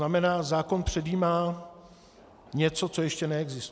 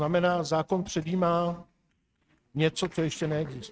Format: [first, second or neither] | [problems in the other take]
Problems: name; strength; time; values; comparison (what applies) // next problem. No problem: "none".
first | noise reduction (neural mask model RNNoise)